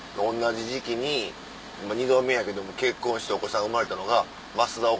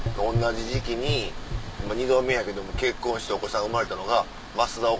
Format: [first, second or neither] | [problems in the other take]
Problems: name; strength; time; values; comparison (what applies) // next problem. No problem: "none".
first | background sound (Gurgling / Engine); 6 dB below the speech